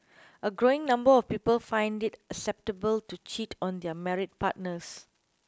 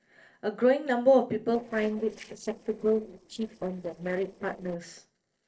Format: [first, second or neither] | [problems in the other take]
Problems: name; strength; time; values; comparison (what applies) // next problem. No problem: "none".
first | noise reduction (neural separator model SepFormer DNS4)